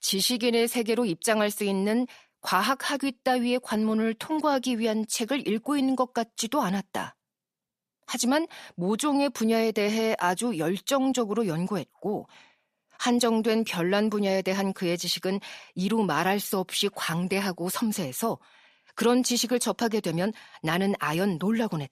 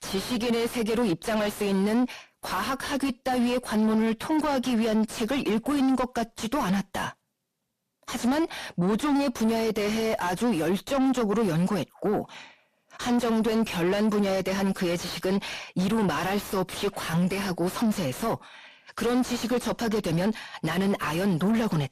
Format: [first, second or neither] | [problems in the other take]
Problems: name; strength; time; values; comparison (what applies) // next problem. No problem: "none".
first | distortion; heavy; 5 dB below the speech